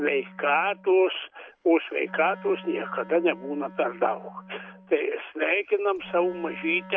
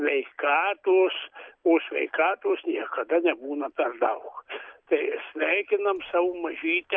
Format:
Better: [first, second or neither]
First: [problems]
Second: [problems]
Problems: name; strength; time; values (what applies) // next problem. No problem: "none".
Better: second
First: background sound (Wind instrument, woodwind instrument); 20 dB below the speech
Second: none